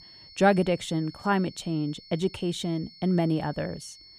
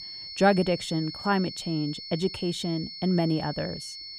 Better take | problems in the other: first | high-pitched whine; loud; throughout; 4.5 kHz, 10 dB below the speech; faint in the first

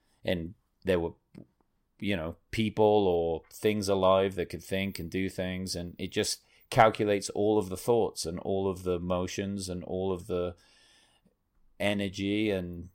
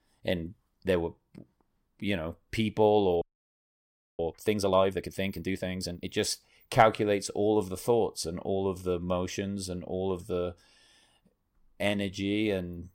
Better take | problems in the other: first | audio freezing; at 3 s for 1 s

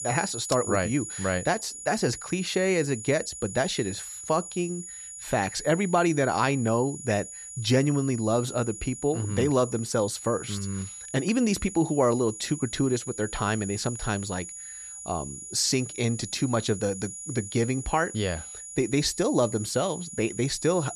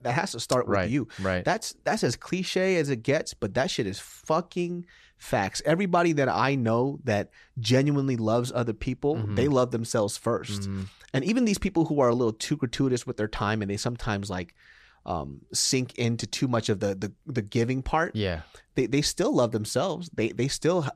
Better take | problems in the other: second | high-pitched whine; loud; throughout; 7 kHz, 10 dB below the speech

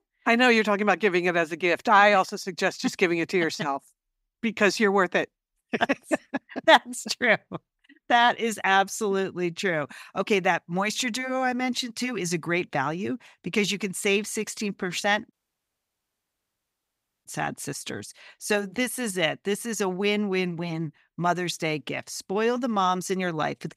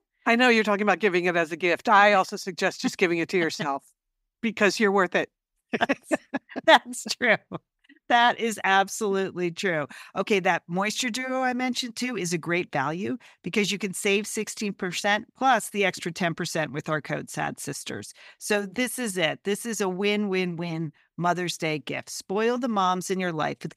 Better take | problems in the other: second | audio cutting out; at 15 s for 2 s

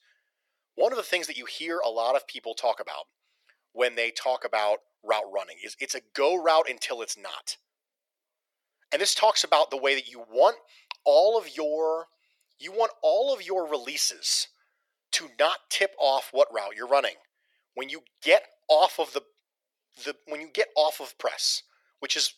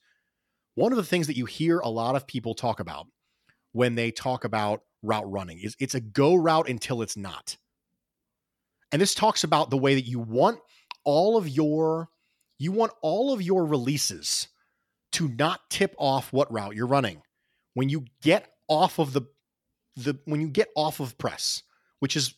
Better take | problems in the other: second | thin; very; fading below 450 Hz

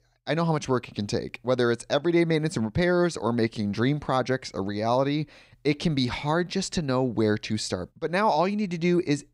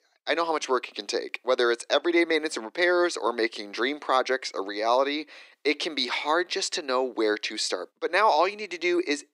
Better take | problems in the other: first | thin; very; fading below 300 Hz

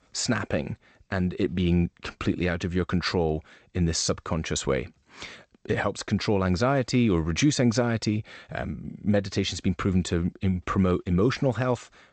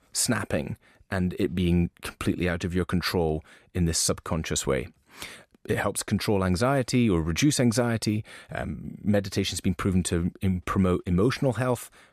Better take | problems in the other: second | garbled, watery; slightly; nothing above 8 kHz

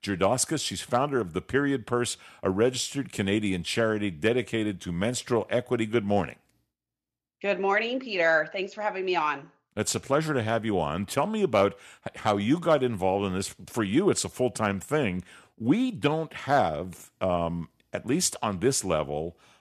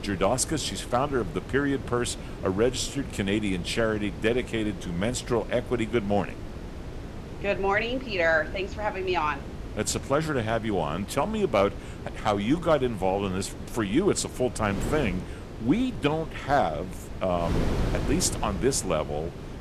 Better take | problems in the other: first | wind noise on the microphone; occasional gusts; 15 dB below the speech

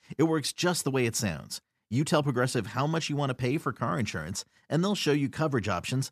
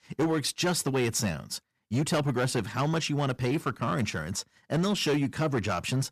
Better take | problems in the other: first | distortion; slight; 8% of the sound clipped

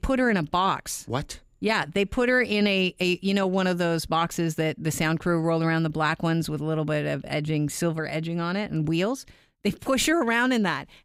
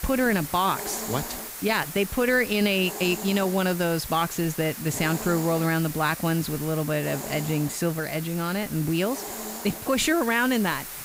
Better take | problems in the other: first | hiss; loud; throughout; 9 dB below the speech

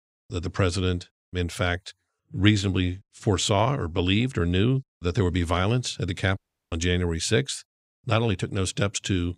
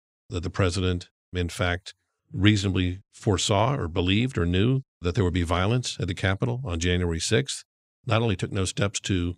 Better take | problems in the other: second | audio cutting out; at 6.5 s

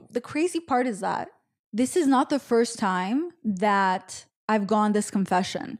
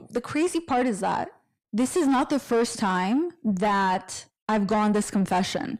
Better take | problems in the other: first | distortion; slight; 10 dB below the speech

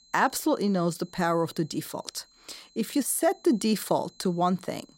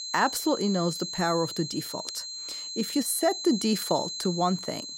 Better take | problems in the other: first | high-pitched whine; loud; throughout; 4 kHz, 6 dB below the speech; faint in the first

